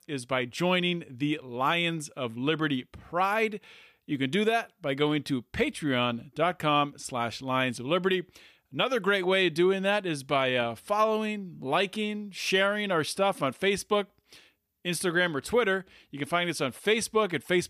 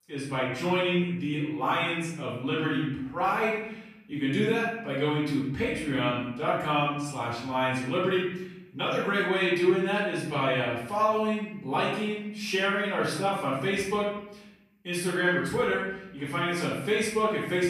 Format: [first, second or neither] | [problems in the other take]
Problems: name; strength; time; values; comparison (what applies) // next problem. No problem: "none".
first | off-mic speech; far // room echo; noticeable; dies away in 0.8 s